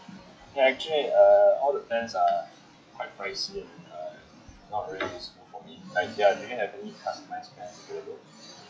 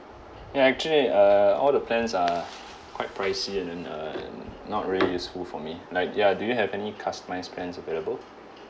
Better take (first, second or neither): second